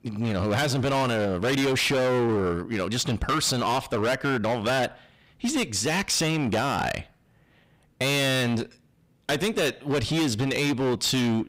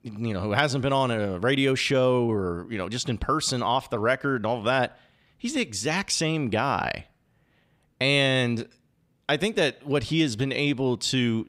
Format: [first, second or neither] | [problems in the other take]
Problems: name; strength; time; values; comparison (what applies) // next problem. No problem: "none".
second | distortion; heavy; 23% of the sound clipped